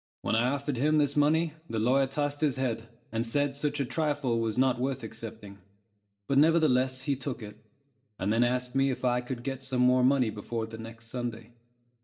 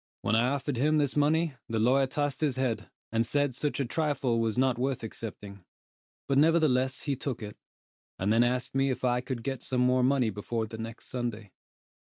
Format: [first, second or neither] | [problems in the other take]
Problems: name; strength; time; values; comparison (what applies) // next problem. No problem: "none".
second | room echo; dies away in 0.4 s